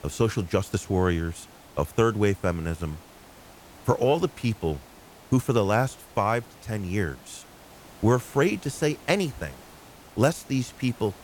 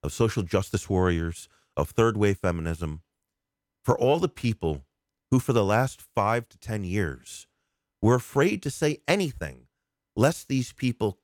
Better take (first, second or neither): second